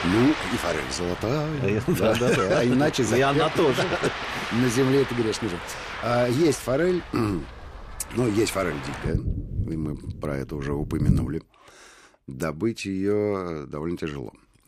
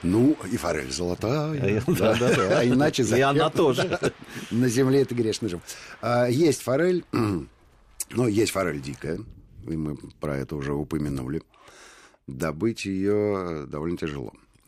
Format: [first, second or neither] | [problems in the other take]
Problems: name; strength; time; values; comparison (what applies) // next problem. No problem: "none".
second | rain or running water; loud; until 11 s; 7 dB below the speech; faint in the second